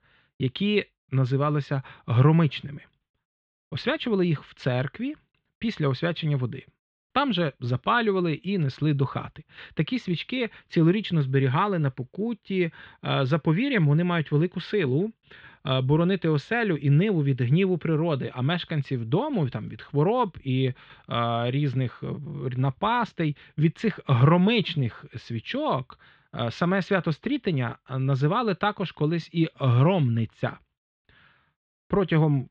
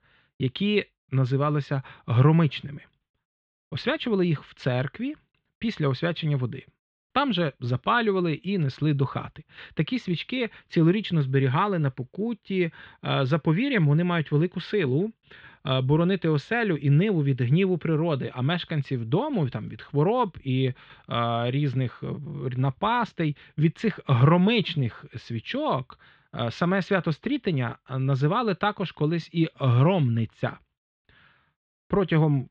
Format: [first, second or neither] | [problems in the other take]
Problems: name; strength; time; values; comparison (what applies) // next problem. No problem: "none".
neither | muffled; very; fading above 3.5 kHz; the same in both